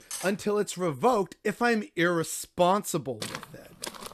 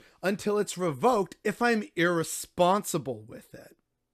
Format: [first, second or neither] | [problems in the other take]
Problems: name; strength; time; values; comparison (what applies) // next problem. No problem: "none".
second | clattering dishes; noticeable; at the start; peak 10 dB below the speech // footsteps; noticeable; at 3 s; peak 10 dB below the speech